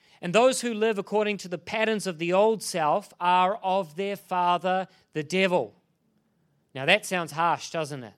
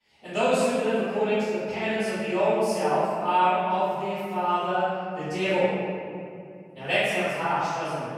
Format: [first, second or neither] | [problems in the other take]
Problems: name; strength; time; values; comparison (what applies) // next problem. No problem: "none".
first | off-mic speech; far // room echo; strong; dies away in 2.4 s